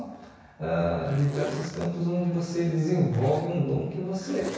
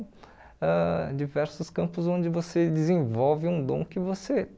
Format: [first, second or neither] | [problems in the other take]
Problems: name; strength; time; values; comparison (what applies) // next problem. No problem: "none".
second | background sound (Zipper (clothing)); 15 dB below the speech // room echo; dies away in 1.1 s